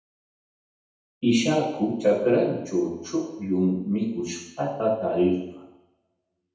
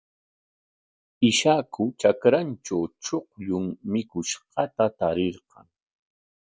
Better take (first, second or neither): second